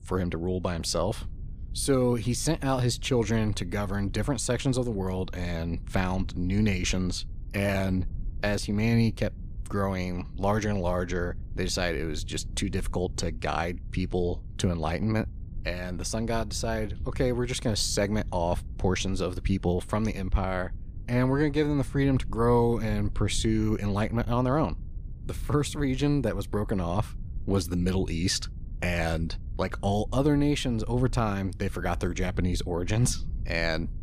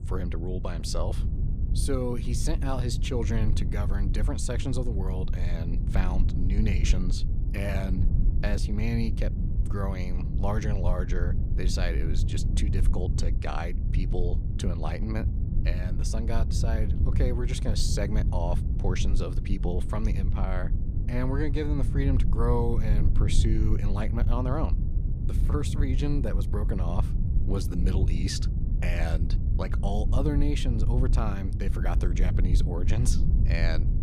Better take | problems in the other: first | low rumble; loud; throughout; 7 dB below the speech; faint in the first

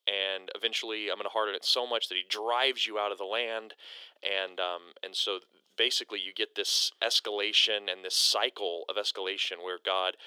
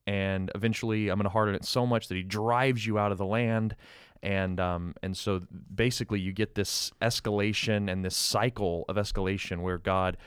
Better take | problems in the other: second | thin; very; fading below 350 Hz

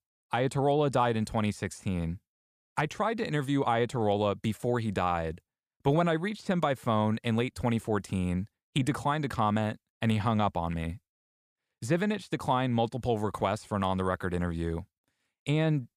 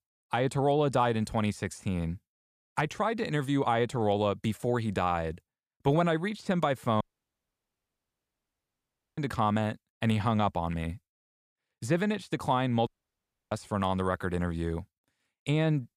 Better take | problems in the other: first | audio cutting out; at 7 s for 2 s and at 13 s for 0.5 s

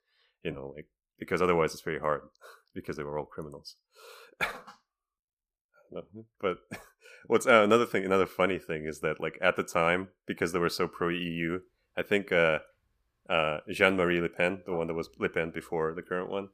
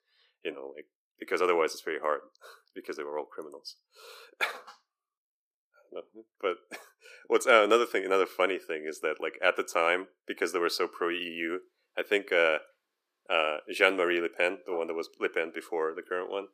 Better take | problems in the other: first | thin; somewhat; fading below 350 Hz

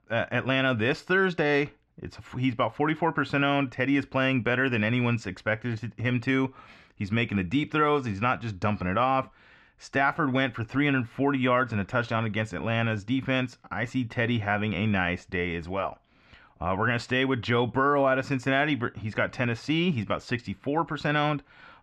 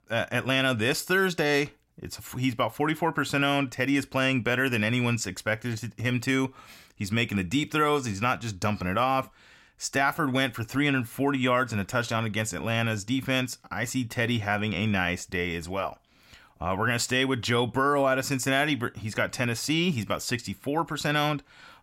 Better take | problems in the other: second | muffled; slightly; fading above 3 kHz

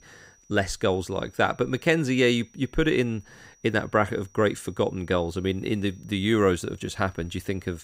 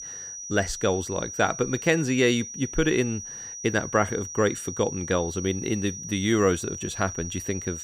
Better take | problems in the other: first | high-pitched whine; loud; throughout; 6 kHz, 9 dB below the speech; faint in the first

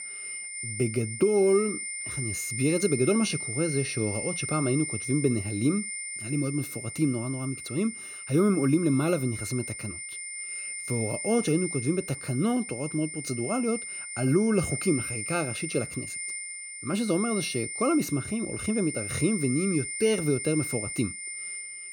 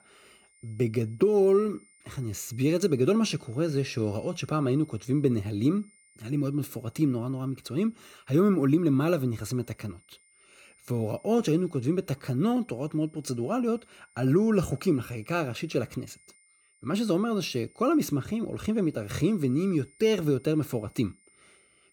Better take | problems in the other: second | high-pitched whine; loud; throughout; 2 kHz, 6 dB below the speech; faint in the second

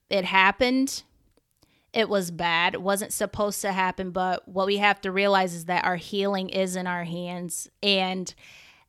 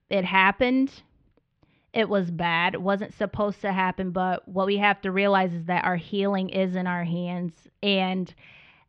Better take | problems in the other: first | muffled; slightly; fading above 3 kHz

